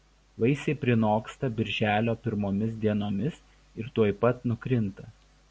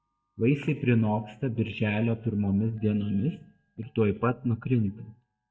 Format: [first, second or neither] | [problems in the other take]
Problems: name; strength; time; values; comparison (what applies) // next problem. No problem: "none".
first | noise reduction (neural mask model DeepFilterNet 3)